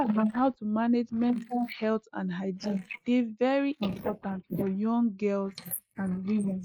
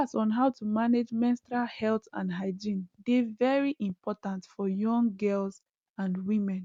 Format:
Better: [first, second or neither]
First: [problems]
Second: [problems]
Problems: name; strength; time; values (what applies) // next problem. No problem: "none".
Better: second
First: noise reduction (neural mask model Resemble Enhance denoiser)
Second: none